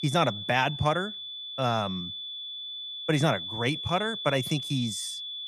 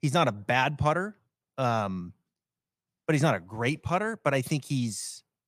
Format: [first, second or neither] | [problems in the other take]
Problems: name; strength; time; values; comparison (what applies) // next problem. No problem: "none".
second | high-pitched whine; loud; throughout; 3.5 kHz, 6 dB below the speech